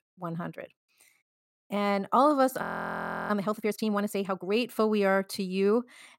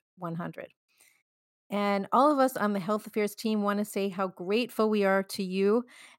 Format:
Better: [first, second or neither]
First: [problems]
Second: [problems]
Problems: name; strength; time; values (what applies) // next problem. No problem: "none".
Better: second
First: audio freezing; at 2.5 s for 0.5 s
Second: none